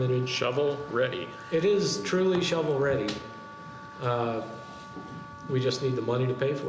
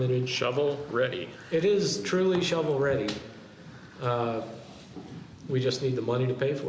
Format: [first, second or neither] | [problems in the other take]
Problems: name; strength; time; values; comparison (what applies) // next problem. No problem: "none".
second | background sound (Wind instrument, woodwind instrument); 17 dB below the speech